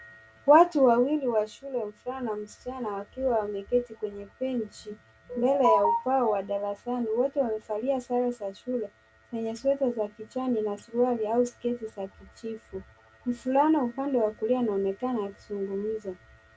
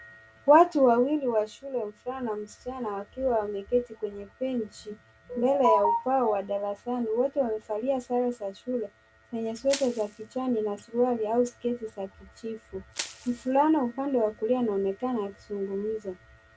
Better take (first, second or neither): first